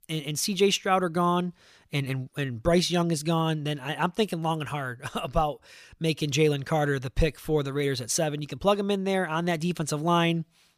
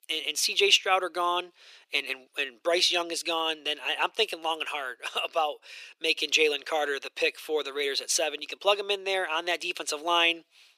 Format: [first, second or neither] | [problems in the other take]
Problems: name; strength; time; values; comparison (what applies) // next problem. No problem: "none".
first | thin; very; fading below 350 Hz